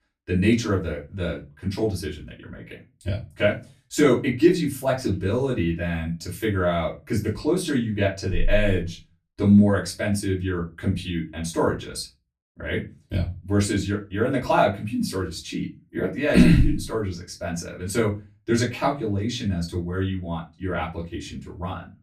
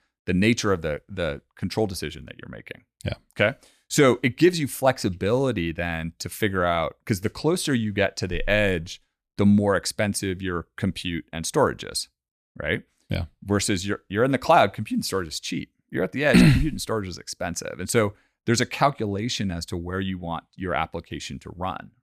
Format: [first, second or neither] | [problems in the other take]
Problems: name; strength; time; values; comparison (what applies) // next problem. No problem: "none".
second | off-mic speech; far // room echo; very slight; dies away in 0.3 s